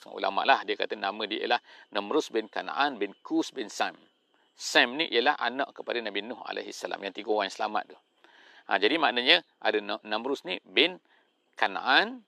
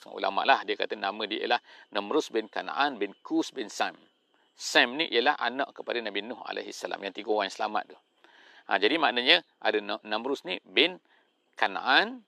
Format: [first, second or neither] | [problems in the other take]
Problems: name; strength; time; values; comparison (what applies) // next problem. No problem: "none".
neither | thin; somewhat; fading below 350 Hz; the same in both